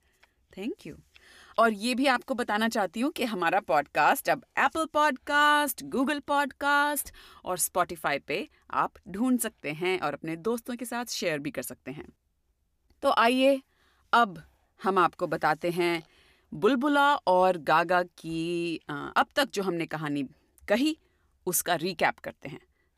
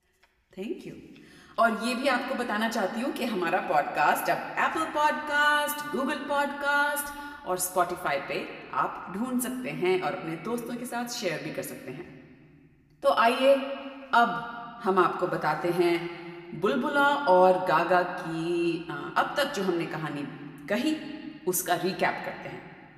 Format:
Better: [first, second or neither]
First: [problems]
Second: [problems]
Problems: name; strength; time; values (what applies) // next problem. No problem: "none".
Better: first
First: none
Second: room echo; slight; dies away in 2 s // off-mic speech; somewhat distant